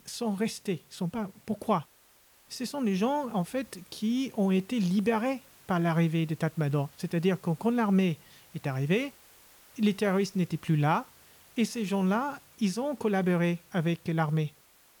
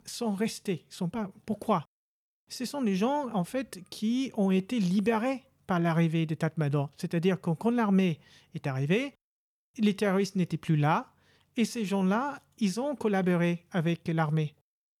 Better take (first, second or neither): second